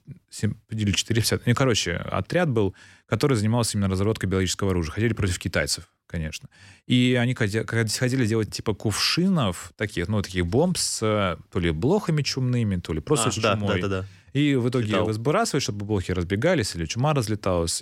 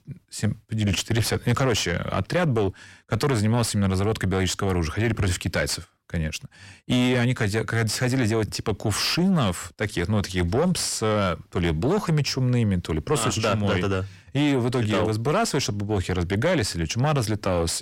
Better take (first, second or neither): first